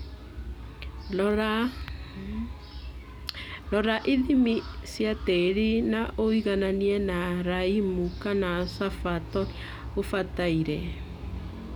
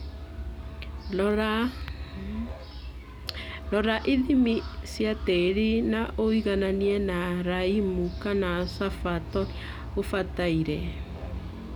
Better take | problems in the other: first | background sound (Musical instrument); 14 dB below the speech

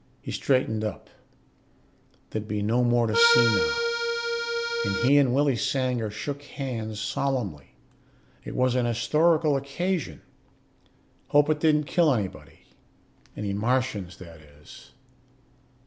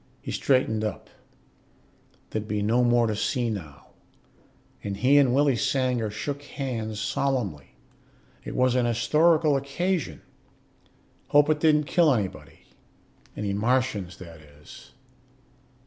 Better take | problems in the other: second | background sound (Accordion); 2 dB above the speech

